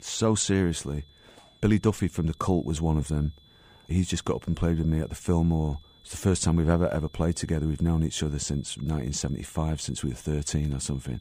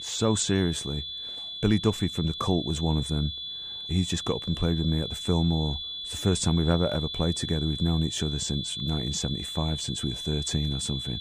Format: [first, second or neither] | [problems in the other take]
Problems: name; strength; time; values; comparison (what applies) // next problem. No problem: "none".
first | high-pitched whine; loud; throughout; 3.5 kHz, 5 dB below the speech; faint in the first